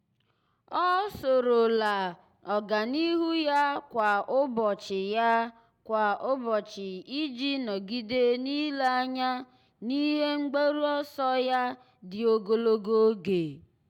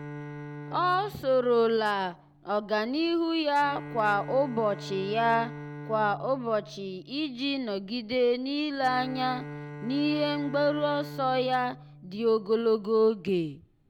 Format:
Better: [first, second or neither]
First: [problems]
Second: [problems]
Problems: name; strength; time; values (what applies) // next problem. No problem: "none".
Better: first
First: none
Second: background sound (Bowed string instrument); 15 dB below the speech